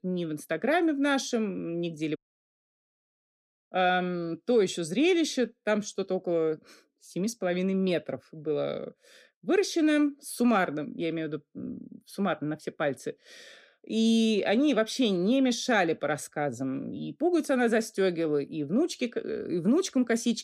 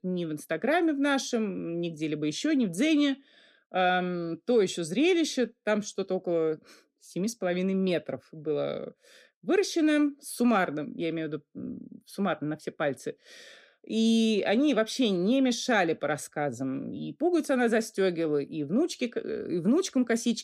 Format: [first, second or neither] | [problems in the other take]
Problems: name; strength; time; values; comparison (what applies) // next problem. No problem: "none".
second | audio cutting out; at 2 s for 1.5 s